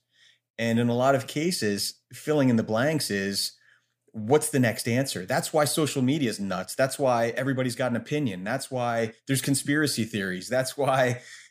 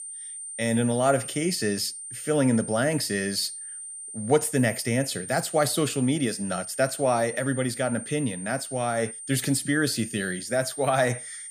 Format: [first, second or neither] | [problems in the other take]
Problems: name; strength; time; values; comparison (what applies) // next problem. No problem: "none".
first | high-pitched whine; loud; throughout; 9 kHz, 10 dB below the speech